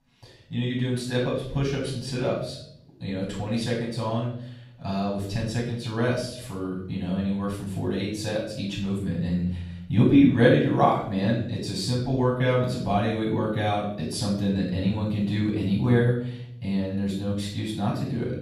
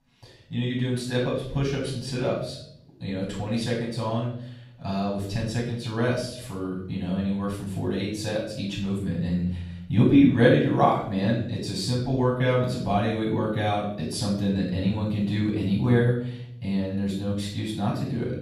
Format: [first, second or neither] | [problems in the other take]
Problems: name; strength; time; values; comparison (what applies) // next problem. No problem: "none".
neither | off-mic speech; far; the same in both // room echo; noticeable; dies away in 0.7 s; the same in both